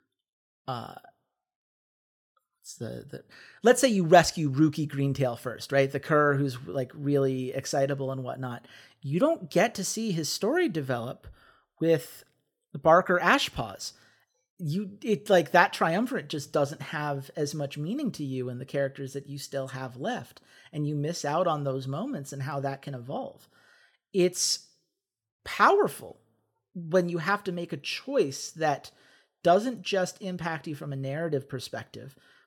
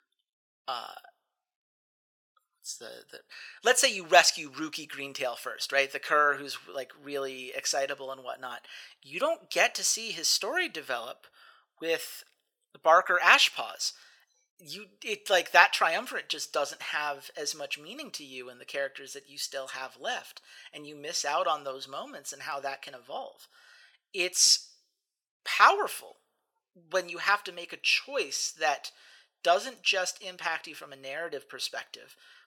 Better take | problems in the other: first | thin; very; fading below 800 Hz

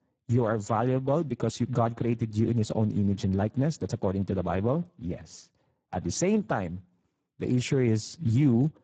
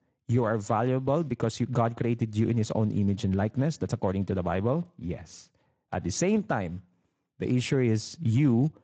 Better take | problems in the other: second | garbled, watery; badly; nothing above 7.5 kHz; slightly in the second

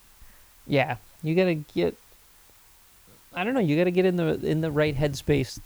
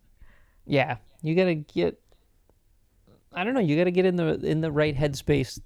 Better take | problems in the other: second | hiss; faint; throughout; 25 dB below the speech

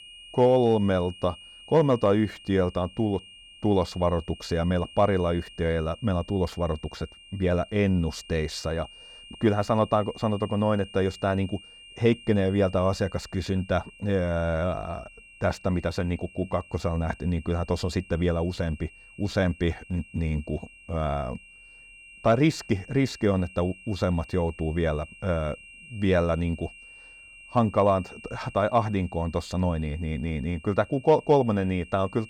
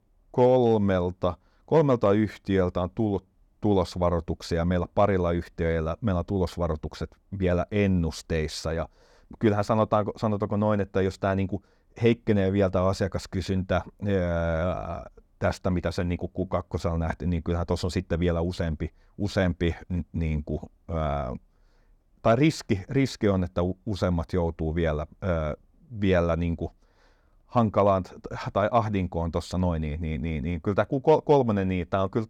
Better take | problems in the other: second | high-pitched whine; noticeable; throughout; 3 kHz, 20 dB below the speech

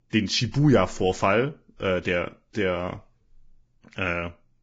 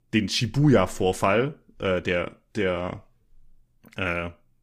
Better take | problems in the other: second | garbled, watery; badly; slightly in the second

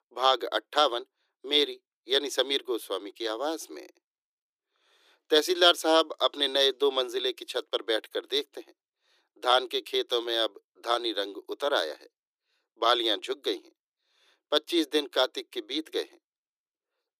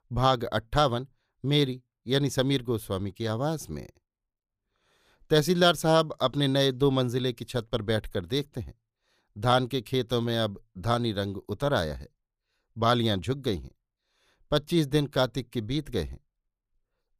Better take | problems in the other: second | thin; very; fading below 300 Hz

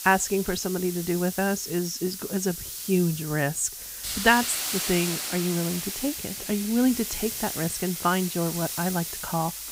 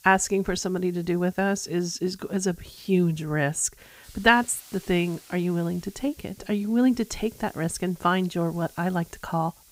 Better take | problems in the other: second | hiss; loud; throughout; 4 dB below the speech; faint in the second

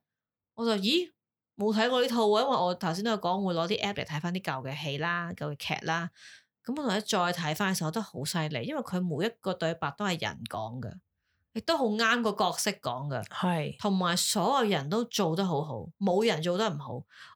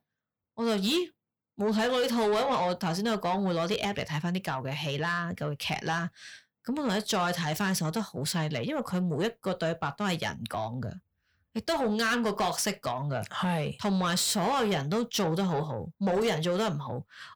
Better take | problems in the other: first | distortion; slight; 10 dB below the speech

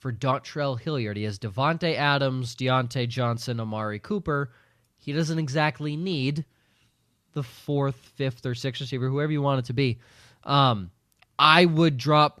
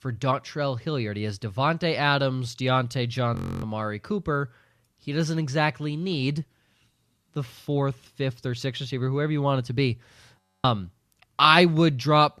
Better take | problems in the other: first | audio freezing; at 3.5 s and at 10 s

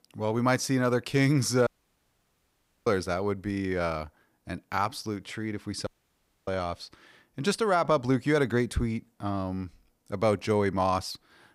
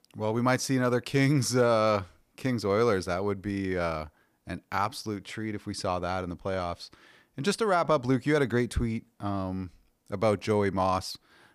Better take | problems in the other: second | audio cutting out; at 1.5 s for 1 s and at 6 s for 0.5 s

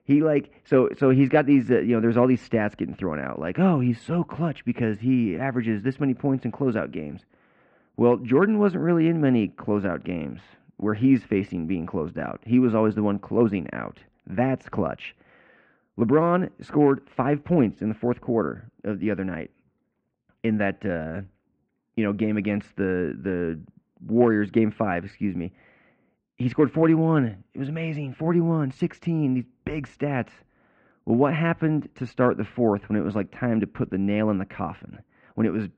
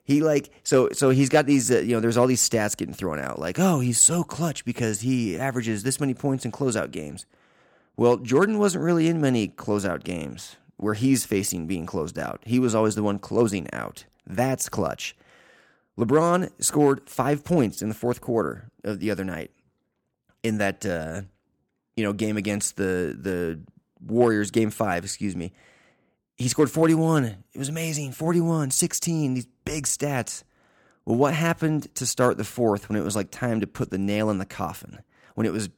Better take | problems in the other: second | muffled; very; fading above 2.5 kHz

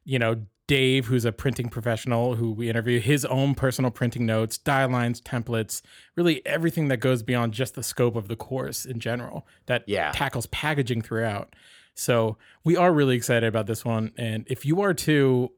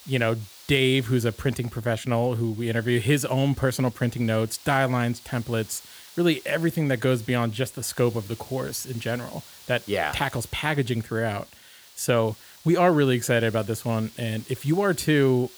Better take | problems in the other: first | hiss; faint; throughout; 20 dB below the speech

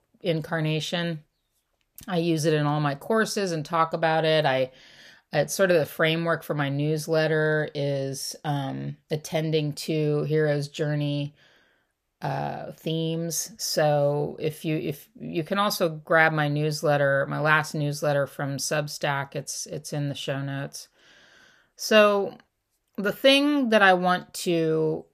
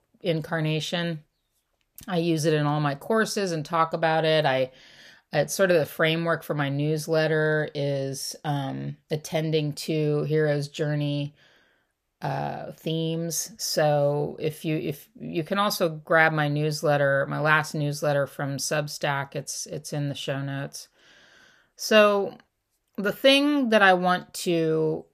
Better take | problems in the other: neither | none

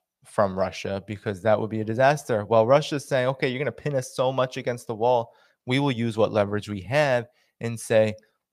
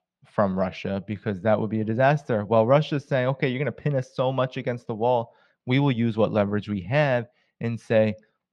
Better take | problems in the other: first | muffled; slightly; fading above 3 kHz

